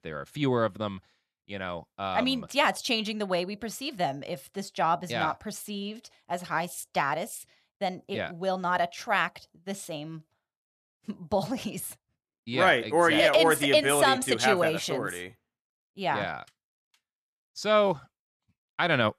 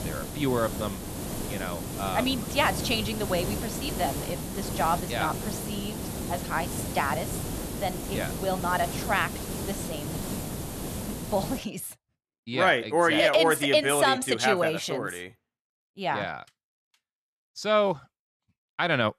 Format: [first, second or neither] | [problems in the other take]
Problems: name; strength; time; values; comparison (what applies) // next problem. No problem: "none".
first | hiss; loud; until 12 s; 6 dB below the speech